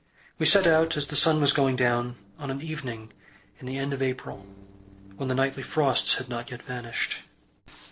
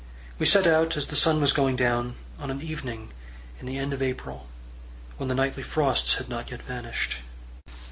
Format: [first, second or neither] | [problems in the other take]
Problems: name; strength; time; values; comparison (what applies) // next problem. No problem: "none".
second | noise reduction (neural separator model SepFormer DNS4)